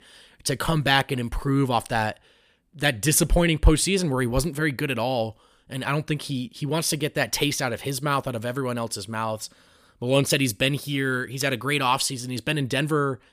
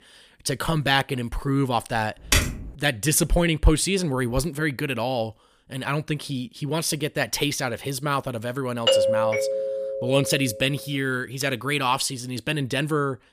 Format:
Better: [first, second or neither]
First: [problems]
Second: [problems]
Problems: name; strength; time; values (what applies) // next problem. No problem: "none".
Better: first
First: none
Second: keyboard typing; loud; at 2.5 s; peak 3 dB above the speech // doorbell; loud; from 9 to 10 s; peak 5 dB above the speech